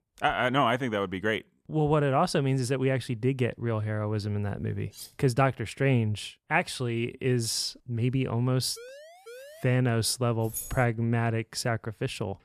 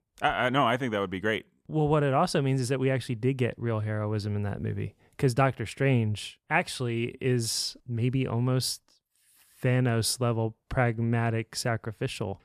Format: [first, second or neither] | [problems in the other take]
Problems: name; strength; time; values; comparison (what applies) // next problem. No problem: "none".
second | clattering dishes; faint; at 5 s; peak 15 dB below the speech // siren; faint; at 9 s; peak 20 dB below the speech // jangling keys; noticeable; at 10 s; peak 8 dB below the speech